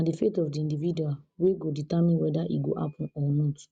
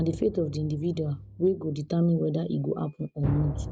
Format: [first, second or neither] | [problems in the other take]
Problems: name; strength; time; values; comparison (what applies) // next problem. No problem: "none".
first | background sound (Drum); 11 dB below the speech